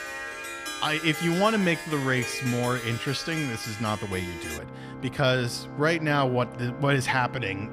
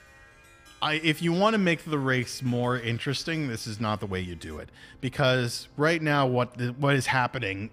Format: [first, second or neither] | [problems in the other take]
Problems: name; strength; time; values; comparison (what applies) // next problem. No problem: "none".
second | background music; loud; throughout; 9 dB below the speech; faint in the second